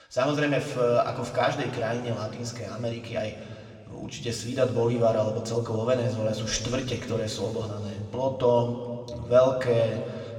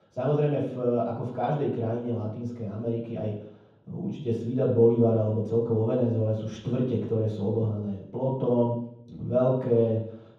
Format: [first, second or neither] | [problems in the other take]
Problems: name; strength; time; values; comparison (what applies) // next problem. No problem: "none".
first | room echo; strong; dies away in 0.9 s; slight in the first // off-mic speech; far; somewhat distant in the first